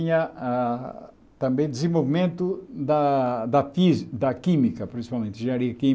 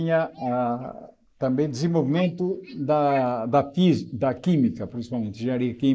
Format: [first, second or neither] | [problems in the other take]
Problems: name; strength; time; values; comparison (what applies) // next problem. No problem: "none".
first | noise reduction (neural mask model Resemble Enhance denoiser)